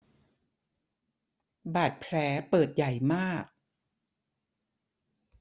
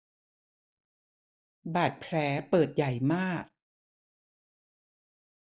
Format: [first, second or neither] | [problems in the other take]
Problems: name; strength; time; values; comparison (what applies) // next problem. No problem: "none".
first | noise reduction (neural mask model Resemble Enhance denoiser)